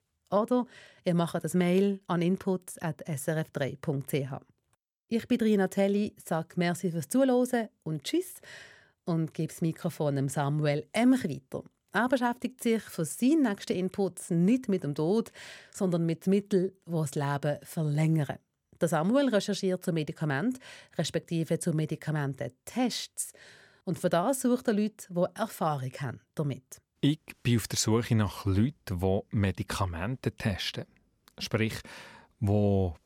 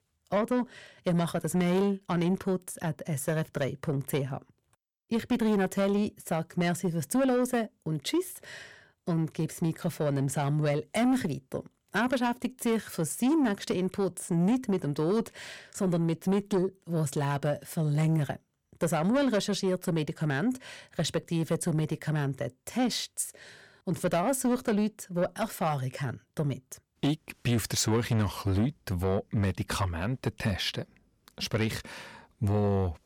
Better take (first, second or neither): first